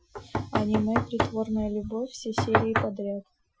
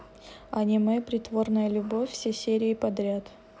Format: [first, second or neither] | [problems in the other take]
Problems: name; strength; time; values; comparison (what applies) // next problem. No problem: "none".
second | noise reduction (classical method Wiener filter)